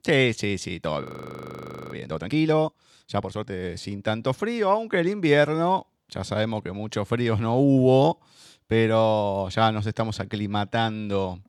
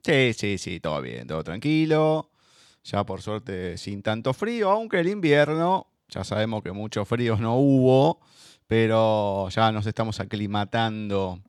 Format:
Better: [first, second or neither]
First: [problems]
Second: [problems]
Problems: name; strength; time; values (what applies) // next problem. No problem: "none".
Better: second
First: audio freezing; at 1 s for 1 s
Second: none